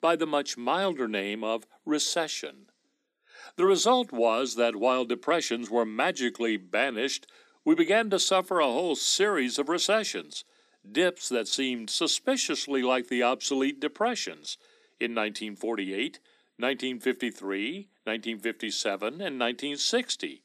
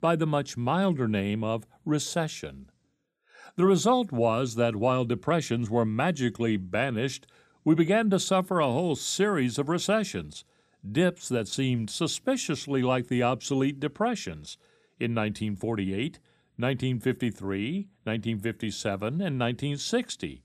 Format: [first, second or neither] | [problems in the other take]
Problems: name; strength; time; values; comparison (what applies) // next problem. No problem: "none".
second | thin; very slightly; fading below 250 Hz